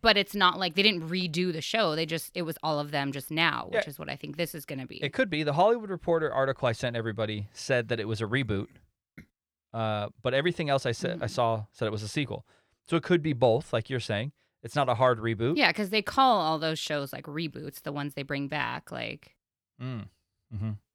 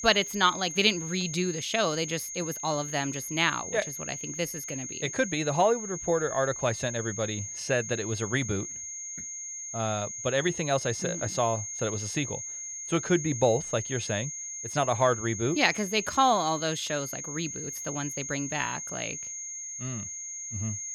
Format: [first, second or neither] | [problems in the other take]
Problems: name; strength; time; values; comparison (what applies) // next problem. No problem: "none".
first | high-pitched whine; loud; throughout; 6.5 kHz, 6 dB below the speech